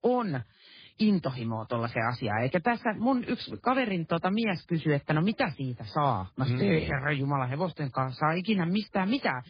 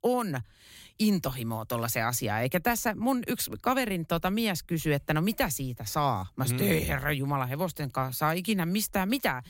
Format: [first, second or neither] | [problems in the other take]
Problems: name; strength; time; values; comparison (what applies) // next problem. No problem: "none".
second | garbled, watery; badly; nothing above 5 kHz